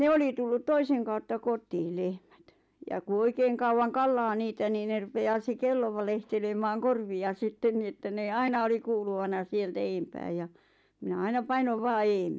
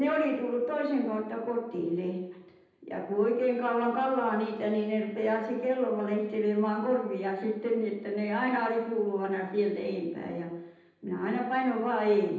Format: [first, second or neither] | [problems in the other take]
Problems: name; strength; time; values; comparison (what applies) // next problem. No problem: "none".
first | room echo; dies away in 0.9 s